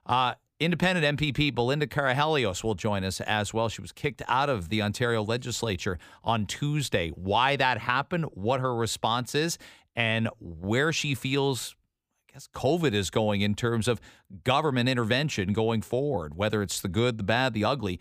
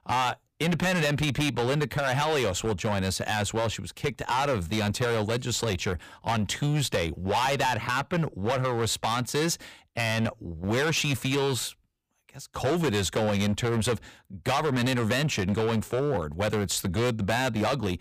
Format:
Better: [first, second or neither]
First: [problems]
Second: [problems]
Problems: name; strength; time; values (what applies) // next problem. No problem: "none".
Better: first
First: none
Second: distortion; heavy; 15% of the sound clipped